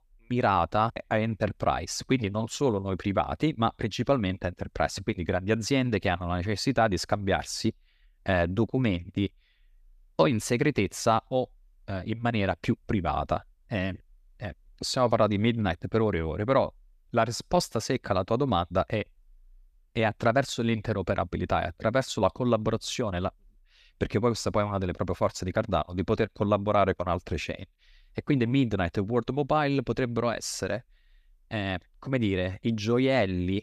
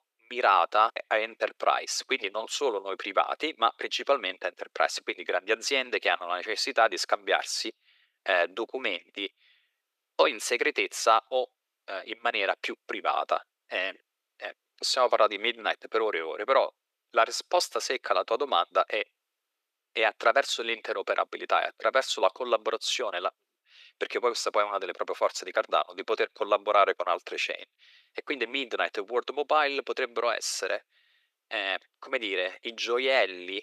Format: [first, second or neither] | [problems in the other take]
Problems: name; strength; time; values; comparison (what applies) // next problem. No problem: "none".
first | thin; very; fading below 400 Hz